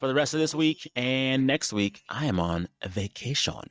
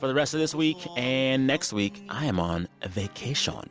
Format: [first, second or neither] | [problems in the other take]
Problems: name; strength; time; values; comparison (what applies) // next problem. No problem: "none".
second | noise reduction (neural mask model DeepFilterNet 3)